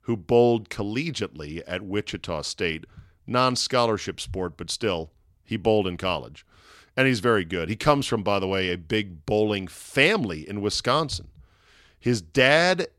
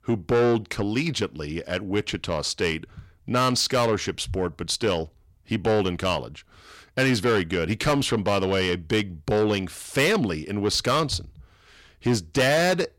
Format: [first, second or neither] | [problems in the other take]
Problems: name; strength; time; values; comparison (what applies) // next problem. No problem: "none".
first | distortion; heavy; 8 dB below the speech